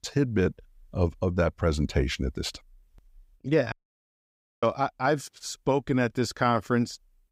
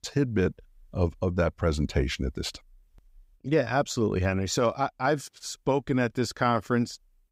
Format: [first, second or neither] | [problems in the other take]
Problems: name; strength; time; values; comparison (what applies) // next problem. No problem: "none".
second | audio cutting out; at 3.5 s for 1 s